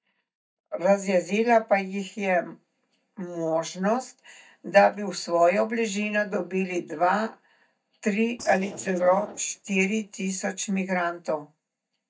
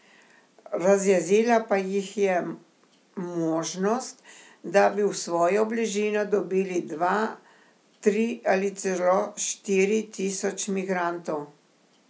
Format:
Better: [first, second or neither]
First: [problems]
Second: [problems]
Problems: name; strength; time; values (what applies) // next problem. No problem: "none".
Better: second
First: noise reduction (neural mask model DeepFilterNet 3)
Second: none